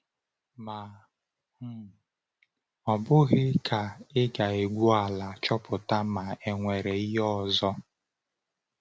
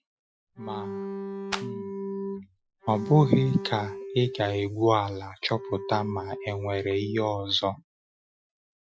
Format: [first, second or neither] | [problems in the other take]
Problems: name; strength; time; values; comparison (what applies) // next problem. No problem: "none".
first | noise reduction (classical method Wiener filter)